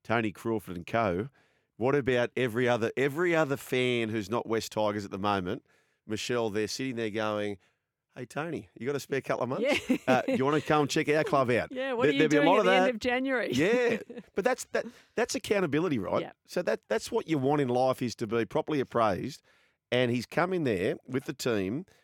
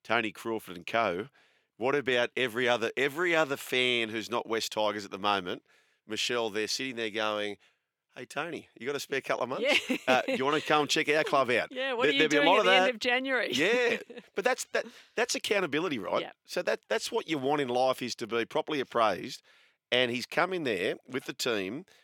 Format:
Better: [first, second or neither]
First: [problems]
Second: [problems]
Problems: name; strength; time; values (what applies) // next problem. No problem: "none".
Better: first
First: none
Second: thin; very slightly; fading below 900 Hz